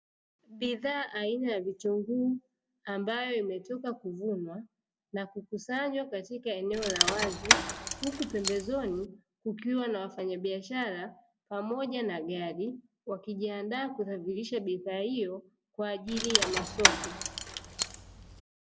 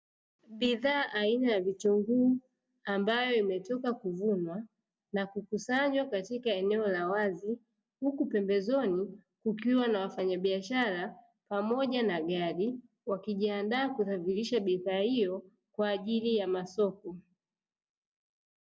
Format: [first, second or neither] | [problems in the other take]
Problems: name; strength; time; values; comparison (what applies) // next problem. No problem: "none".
second | background sound (Rattle / Keys jangling); 4 dB above the speech